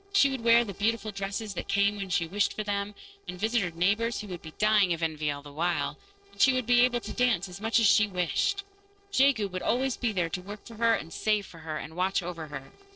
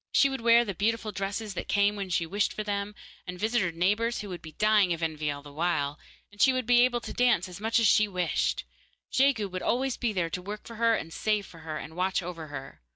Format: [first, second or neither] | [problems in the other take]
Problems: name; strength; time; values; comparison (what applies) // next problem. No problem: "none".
second | noise reduction (neural separator model SepFormer DNS4)